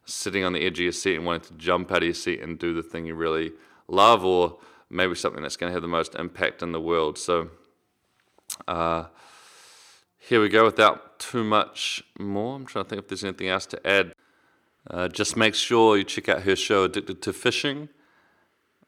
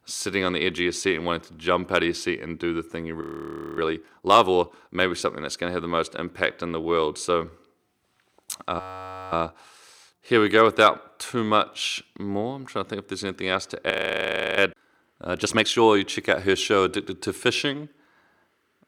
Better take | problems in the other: first | audio freezing; at 3 s for 0.5 s, at 9 s for 0.5 s and at 14 s for 0.5 s

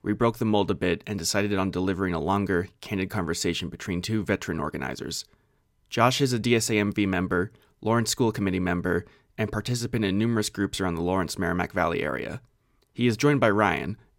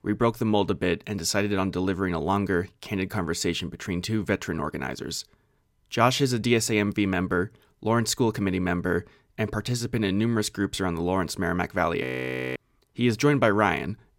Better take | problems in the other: first | audio freezing; at 12 s for 0.5 s

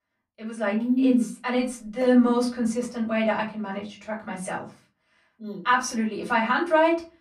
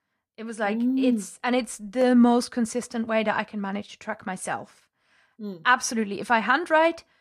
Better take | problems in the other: second | off-mic speech; far // room echo; very slight; dies away in 0.3 s

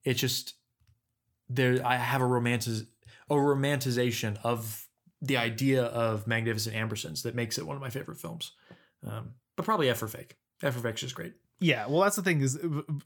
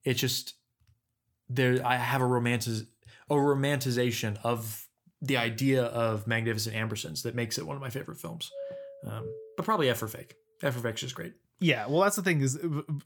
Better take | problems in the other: first | doorbell; faint; from 8.5 to 9.5 s; peak 10 dB below the speech

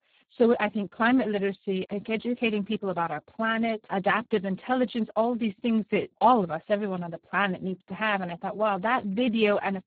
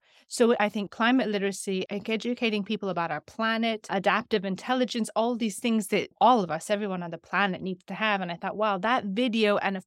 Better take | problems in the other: second | garbled, watery; badly

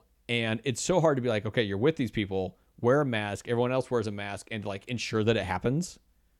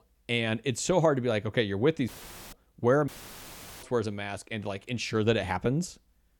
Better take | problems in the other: first | audio cutting out; filled with static; at 2 s and at 3 s for 1 s

